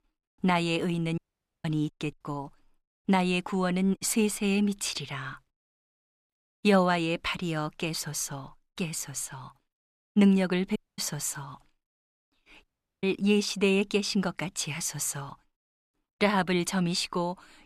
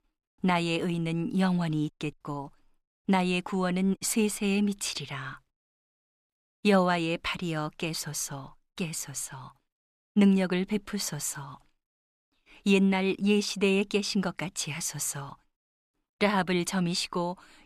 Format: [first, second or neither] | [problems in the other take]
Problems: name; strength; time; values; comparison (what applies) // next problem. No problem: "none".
second | audio cutting out; at 1 s, at 11 s and at 13 s